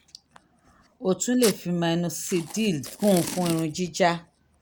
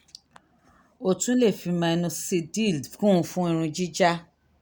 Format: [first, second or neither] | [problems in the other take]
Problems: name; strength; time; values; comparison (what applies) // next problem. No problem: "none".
second | background sound (Packing tape, duct tape); 13 dB below the speech